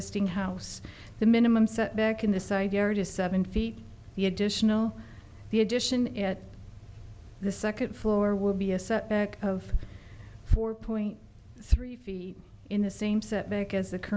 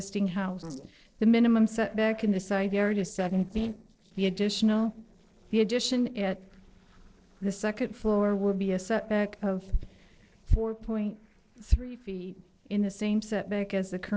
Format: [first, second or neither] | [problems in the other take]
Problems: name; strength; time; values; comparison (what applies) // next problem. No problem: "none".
first | noise reduction (neural separator model SepFormer DNS4)